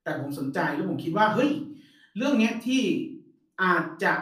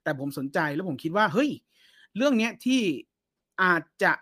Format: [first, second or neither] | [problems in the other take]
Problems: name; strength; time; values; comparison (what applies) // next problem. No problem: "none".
second | off-mic speech; far // room echo; slight; dies away in 0.4 s